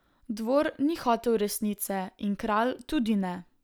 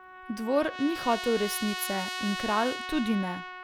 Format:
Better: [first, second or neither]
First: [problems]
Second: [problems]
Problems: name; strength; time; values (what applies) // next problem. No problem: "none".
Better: first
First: none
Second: background sound (Trumpet); 7 dB below the speech